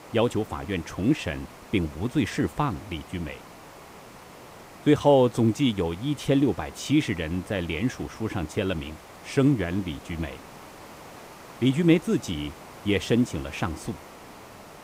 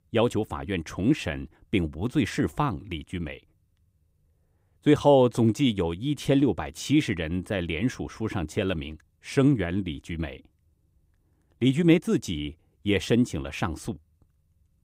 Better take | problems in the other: second | hiss; noticeable; throughout; 20 dB below the speech

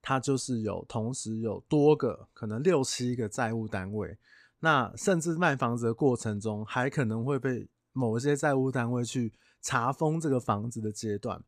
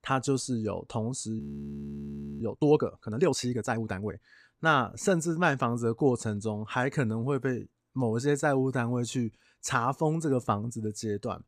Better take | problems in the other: first | audio freezing; at 1.5 s for 1 s

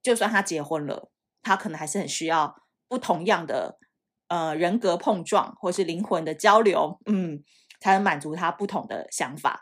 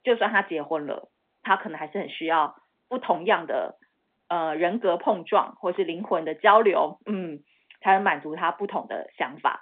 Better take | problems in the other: first | phone-call audio

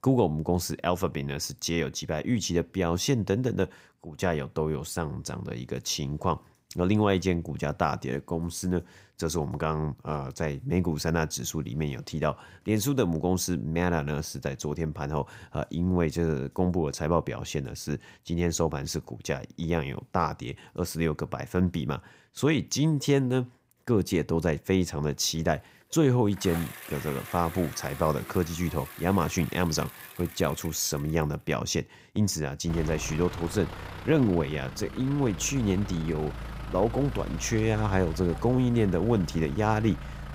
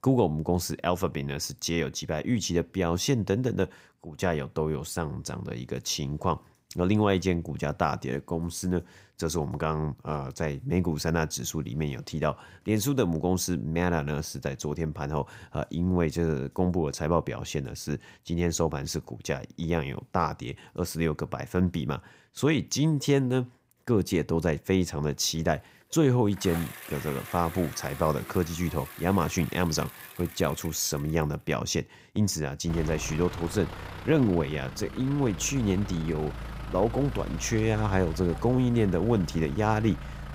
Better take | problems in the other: neither | traffic noise; noticeable; from 26 s on; 10 dB below the speech; the same in both

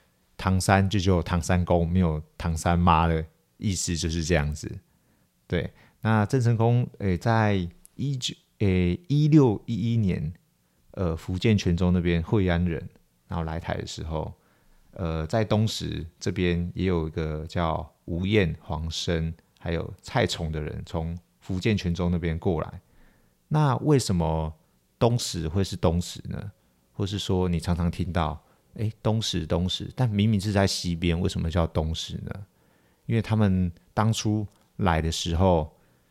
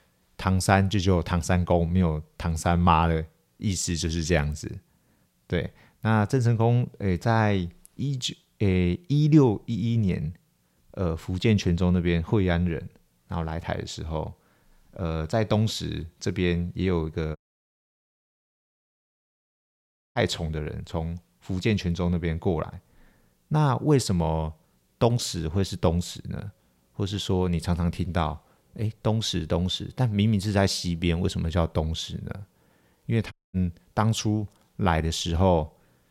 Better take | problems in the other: first | audio cutting out; at 17 s for 3 s and at 33 s

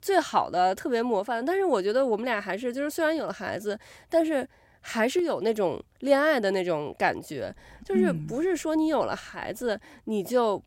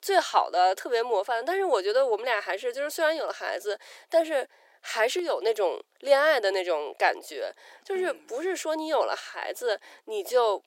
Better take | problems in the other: first | thin; very; fading below 400 Hz

